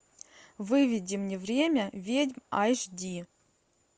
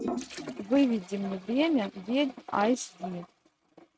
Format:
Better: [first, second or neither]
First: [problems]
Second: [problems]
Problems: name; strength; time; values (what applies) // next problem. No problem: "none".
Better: first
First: none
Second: noise reduction (neural mask model RNNoise)